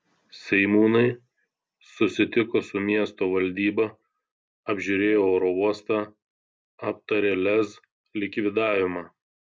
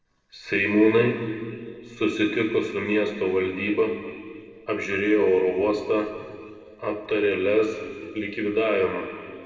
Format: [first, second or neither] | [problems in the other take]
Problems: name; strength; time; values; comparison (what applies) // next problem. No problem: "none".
first | noise reduction (neural separator model SepFormer DNS4)